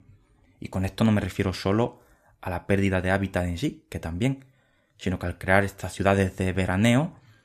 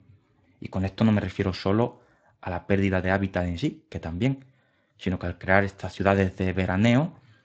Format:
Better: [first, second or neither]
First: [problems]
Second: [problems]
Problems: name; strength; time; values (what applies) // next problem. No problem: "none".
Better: first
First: none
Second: garbled, watery; slightly; nothing above 7.5 kHz